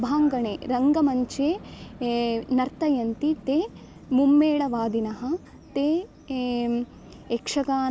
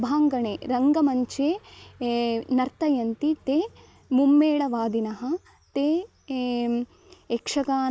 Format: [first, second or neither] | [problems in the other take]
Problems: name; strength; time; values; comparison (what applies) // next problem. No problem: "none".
second | background sound (Vehicle); 20 dB below the speech